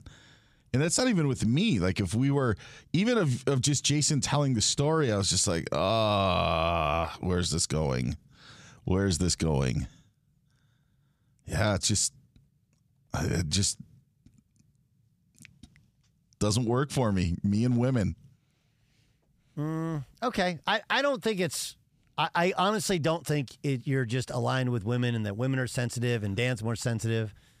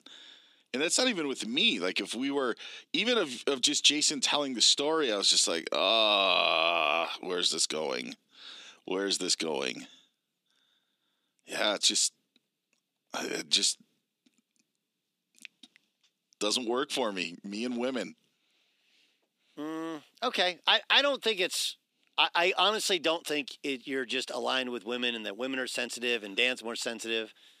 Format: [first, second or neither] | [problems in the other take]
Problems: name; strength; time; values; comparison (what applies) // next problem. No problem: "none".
first | thin; somewhat; fading below 250 Hz